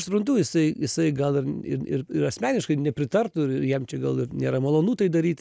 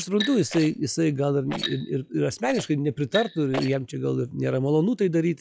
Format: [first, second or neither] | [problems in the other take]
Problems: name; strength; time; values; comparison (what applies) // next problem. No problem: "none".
first | noise reduction (classical method log-MMSE)